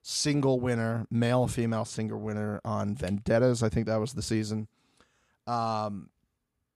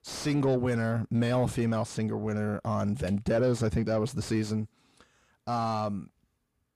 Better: first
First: none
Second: distortion; slight; 10 dB below the speech

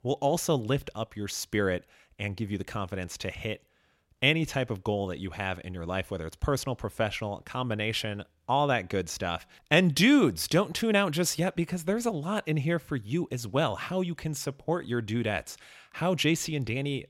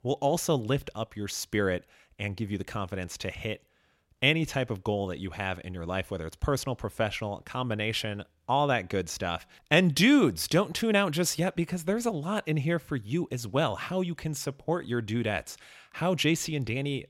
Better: neither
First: none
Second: none

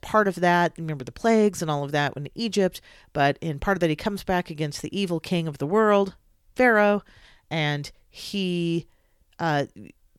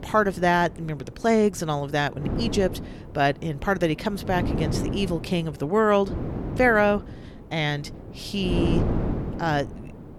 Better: first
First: none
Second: wind noise on the microphone; occasional gusts; 10 dB below the speech

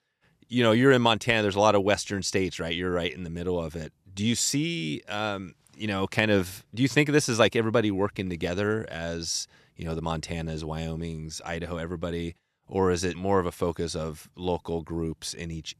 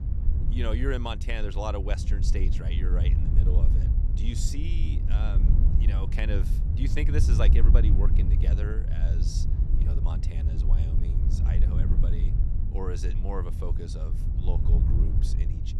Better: first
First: none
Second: wind noise on the microphone; heavy; 4 dB below the speech

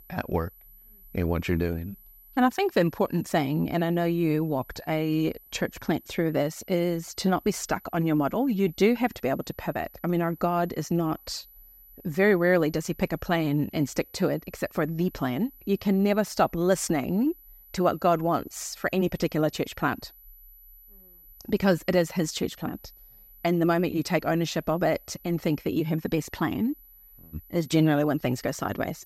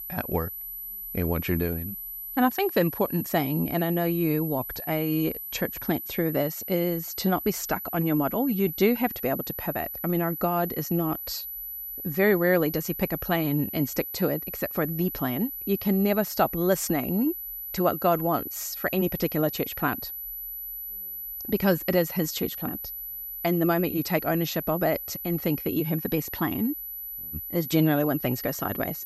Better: first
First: high-pitched whine; faint; throughout; 12 kHz, 25 dB below the speech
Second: high-pitched whine; loud; throughout; 12 kHz, 6 dB below the speech

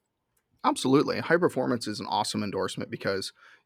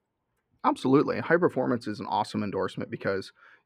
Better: first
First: none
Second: muffled; slightly; fading above 3.5 kHz

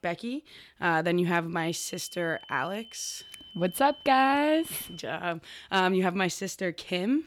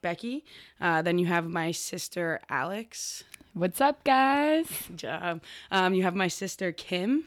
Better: second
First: high-pitched whine; noticeable; from 1.5 to 5 s; 3 kHz, 20 dB below the speech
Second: none

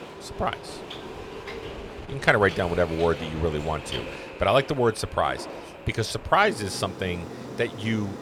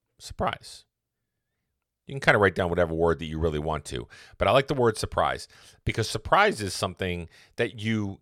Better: second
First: train or aircraft noise; noticeable; throughout; 10 dB below the speech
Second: none

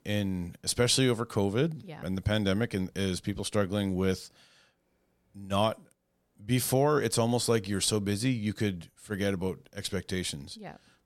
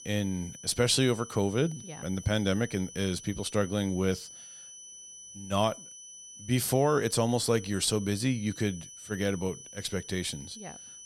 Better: first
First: none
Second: high-pitched whine; noticeable; throughout; 6 kHz, 15 dB below the speech

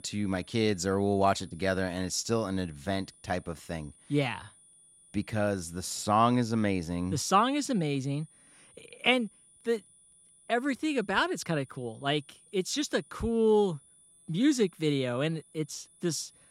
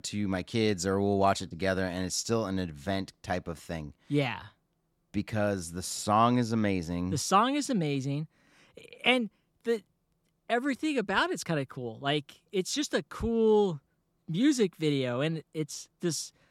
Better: second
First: high-pitched whine; faint; throughout; 9.5 kHz, 25 dB below the speech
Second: none

